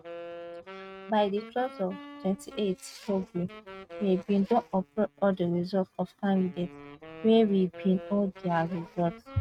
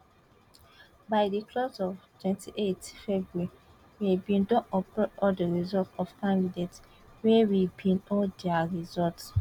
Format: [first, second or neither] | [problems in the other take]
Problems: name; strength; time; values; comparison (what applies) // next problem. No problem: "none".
second | noise reduction (neural mask model RNNoise)